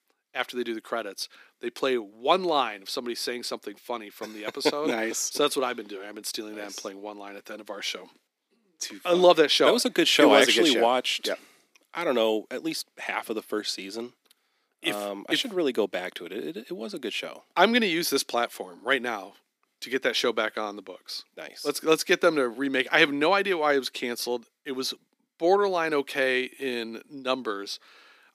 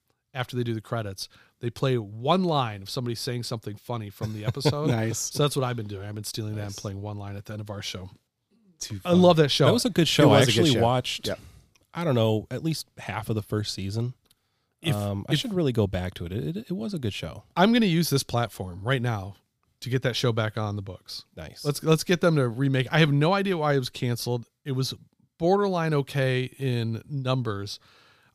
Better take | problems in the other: second | thin; somewhat; fading below 250 Hz

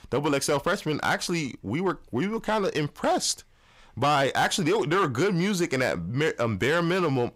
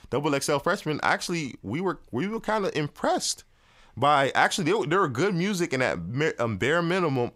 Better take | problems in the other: second | distortion; slight; 6% of the sound clipped

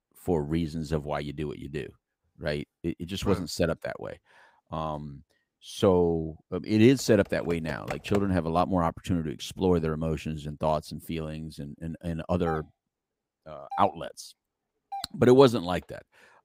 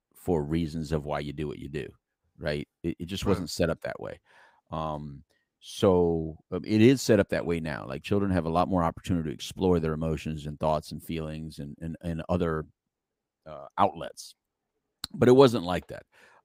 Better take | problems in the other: second | keyboard typing; noticeable; from 7 to 8.5 s; peak 10 dB below the speech // doorbell; faint; from 12 to 15 s; peak 15 dB below the speech

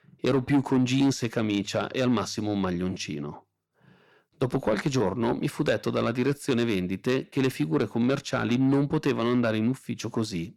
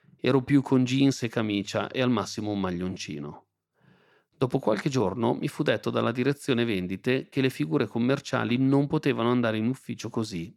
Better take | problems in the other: second | distortion; slight; 10 dB below the speech

